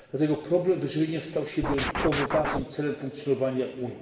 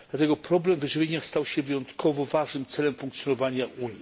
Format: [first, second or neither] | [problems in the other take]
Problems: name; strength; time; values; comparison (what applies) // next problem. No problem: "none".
second | background sound (Scratching (performance technique)); 2 dB below the speech // room echo; dies away in 2.2 s